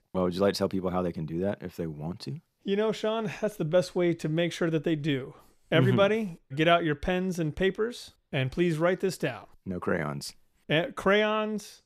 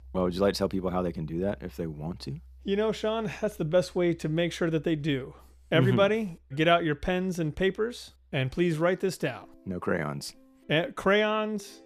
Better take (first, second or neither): first